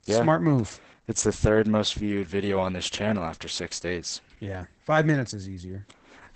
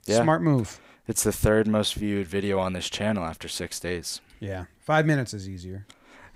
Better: second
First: garbled, watery; badly; nothing above 8 kHz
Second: none

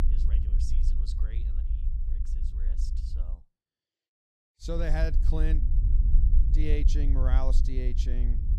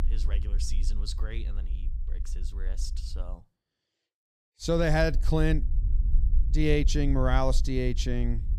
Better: second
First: low rumble; loud; until 3.5 s and from 4.5 s on; 10 dB below the speech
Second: low rumble; faint; until 3.5 s and from 4.5 s on; 20 dB below the speech

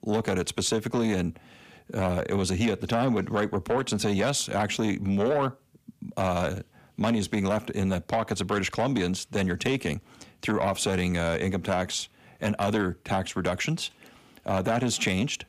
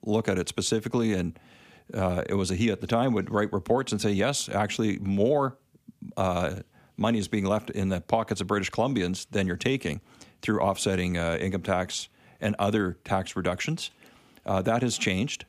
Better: second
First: distortion; slight; 10 dB below the speech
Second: none

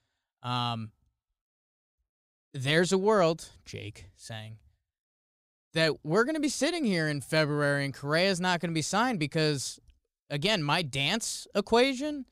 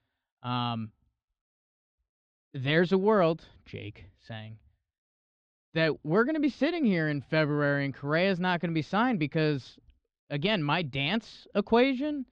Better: first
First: none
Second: muffled; slightly; fading above 3.5 kHz

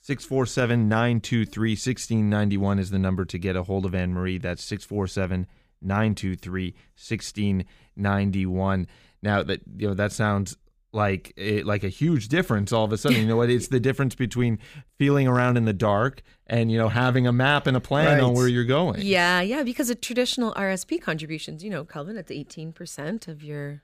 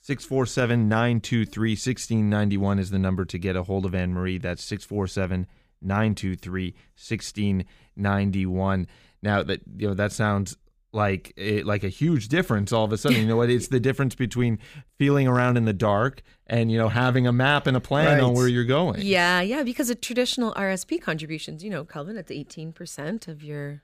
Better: neither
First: none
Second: none

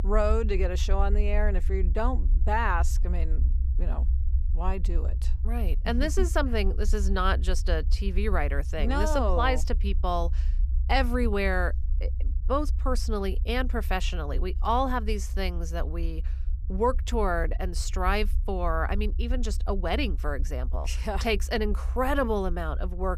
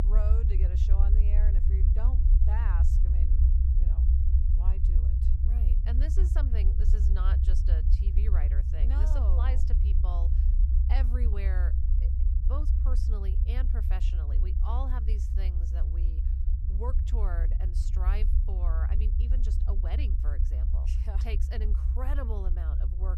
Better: first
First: low rumble; faint; throughout; 20 dB below the speech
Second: low rumble; loud; throughout; 2 dB below the speech

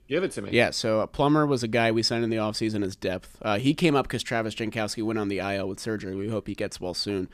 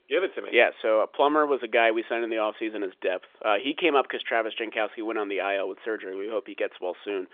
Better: first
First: none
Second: phone-call audio; nothing above 3.5 kHz

